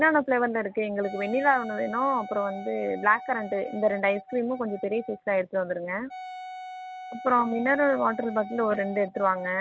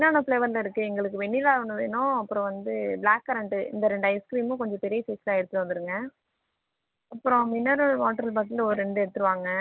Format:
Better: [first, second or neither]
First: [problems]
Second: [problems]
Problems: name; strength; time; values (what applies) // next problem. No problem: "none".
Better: second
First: background sound (Wind instrument, woodwind instrument); 15 dB below the speech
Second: none